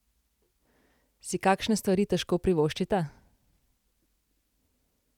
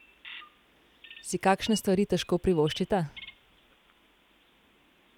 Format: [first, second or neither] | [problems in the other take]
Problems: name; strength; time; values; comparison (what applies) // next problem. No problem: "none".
first | background sound (Bird vocalization, bird call, bird song); 19 dB below the speech